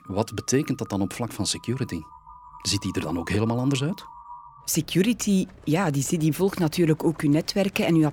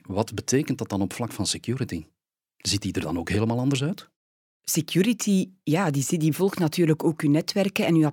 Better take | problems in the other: second | animal sounds; faint; throughout; 20 dB below the speech

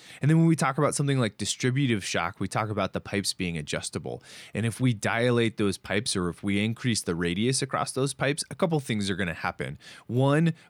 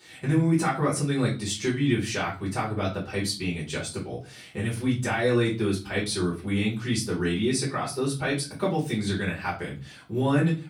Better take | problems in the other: first | off-mic speech; far // room echo; slight; dies away in 0.3 s

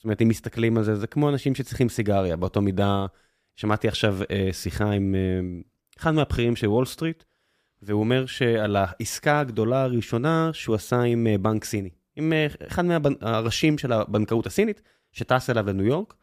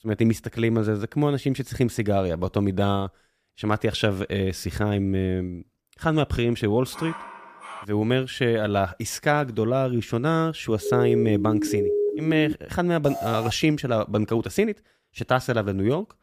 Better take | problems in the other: first | dog barking; faint; at 7 s; peak 10 dB below the speech // siren; loud; from 11 to 13 s; peak 1 dB above the speech // alarm; noticeable; at 13 s; peak 7 dB below the speech

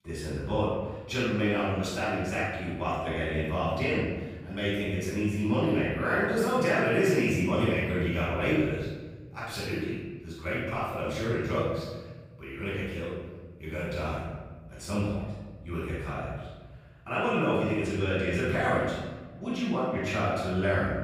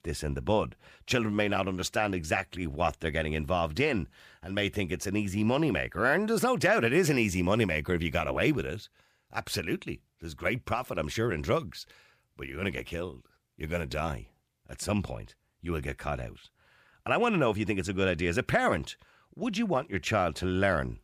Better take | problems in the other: second | off-mic speech; far // room echo; strong; dies away in 1.2 s

